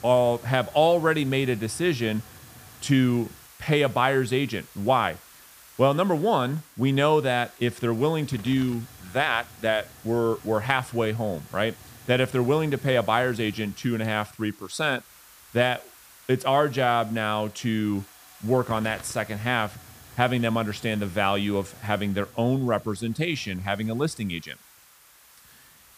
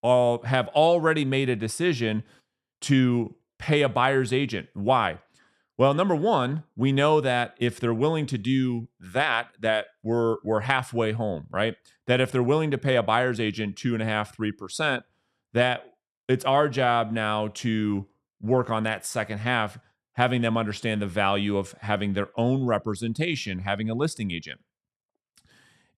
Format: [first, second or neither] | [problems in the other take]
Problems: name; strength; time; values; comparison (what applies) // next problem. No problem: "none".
second | hiss; faint; throughout; 20 dB below the speech